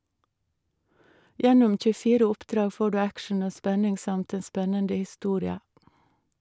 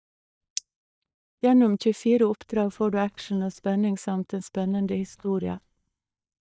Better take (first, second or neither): first